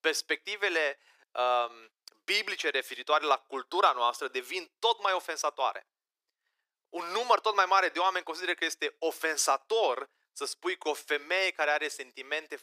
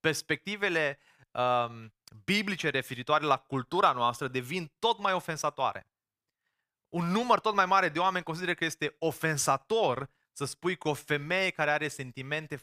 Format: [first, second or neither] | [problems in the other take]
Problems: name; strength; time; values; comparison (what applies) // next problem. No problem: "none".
second | thin; very; fading below 350 Hz